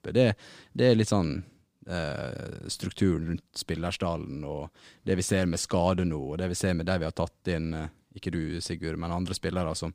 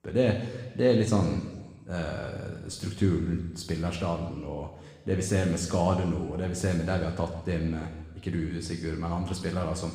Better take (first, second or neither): first